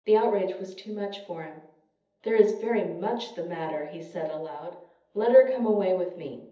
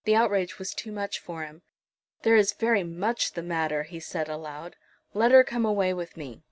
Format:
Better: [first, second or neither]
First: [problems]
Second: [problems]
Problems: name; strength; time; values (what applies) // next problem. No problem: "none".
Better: second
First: room echo; dies away in 0.7 s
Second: none